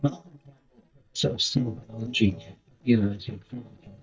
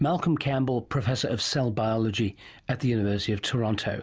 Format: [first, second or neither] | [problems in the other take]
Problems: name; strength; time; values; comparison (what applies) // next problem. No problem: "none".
second | noise reduction (neural mask model DeepFilterNet 3)